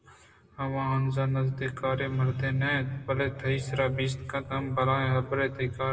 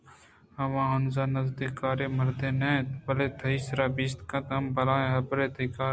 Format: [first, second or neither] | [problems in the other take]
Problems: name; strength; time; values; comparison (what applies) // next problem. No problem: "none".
second | room echo; dies away in 1.2 s